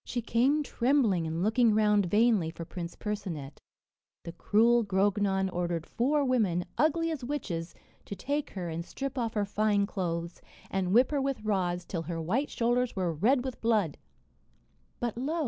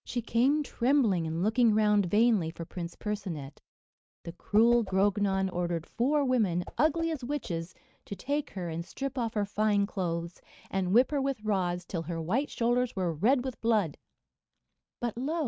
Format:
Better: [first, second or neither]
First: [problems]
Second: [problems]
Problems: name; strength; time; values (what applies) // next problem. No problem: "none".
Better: first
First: none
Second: noise reduction (neural mask model RNNoise)